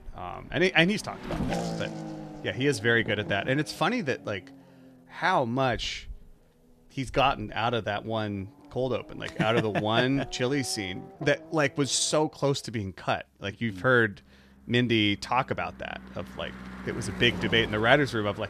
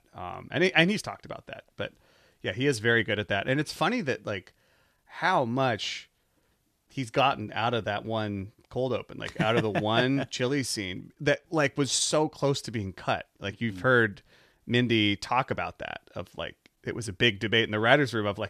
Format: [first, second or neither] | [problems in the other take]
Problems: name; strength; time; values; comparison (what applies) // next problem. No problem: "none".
second | traffic noise; noticeable; throughout; 15 dB below the speech